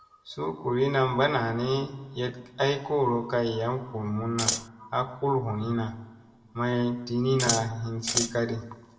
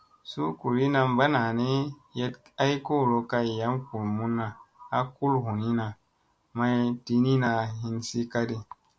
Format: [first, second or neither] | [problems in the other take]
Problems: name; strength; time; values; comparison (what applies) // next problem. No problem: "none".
second | background sound (Scissors); as loud as the speech // room echo; dies away in 1.2 s